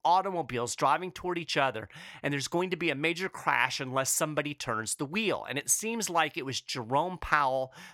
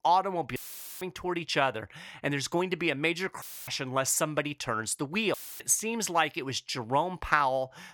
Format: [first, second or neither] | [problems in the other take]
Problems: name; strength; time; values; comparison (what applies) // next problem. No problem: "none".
first | audio cutting out; filled with static; at 0.5 s, at 3.5 s and at 5.5 s